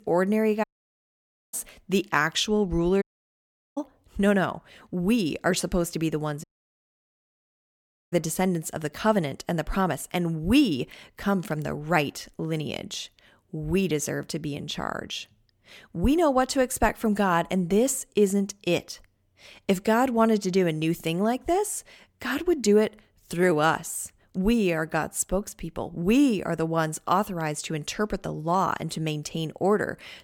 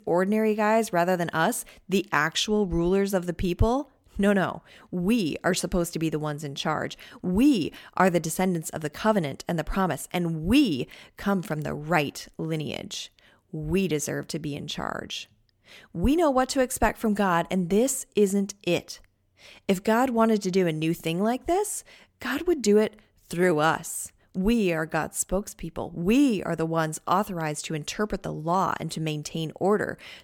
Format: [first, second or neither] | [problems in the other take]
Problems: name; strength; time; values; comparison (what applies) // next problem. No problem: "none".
second | audio cutting out; at 0.5 s for 1 s, at 3 s for 0.5 s and at 6.5 s for 1.5 s